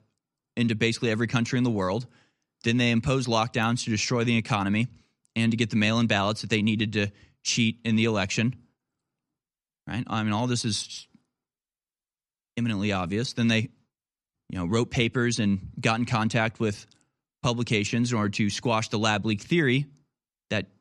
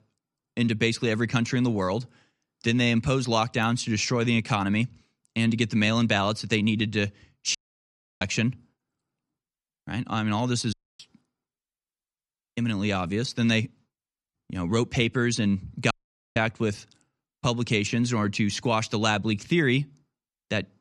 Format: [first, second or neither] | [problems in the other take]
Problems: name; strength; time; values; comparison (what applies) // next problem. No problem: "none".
first | audio cutting out; at 7.5 s for 0.5 s, at 11 s and at 16 s